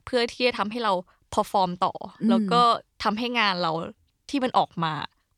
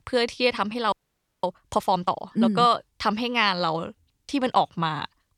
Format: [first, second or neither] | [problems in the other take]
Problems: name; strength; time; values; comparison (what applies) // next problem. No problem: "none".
first | audio freezing; at 1 s for 0.5 s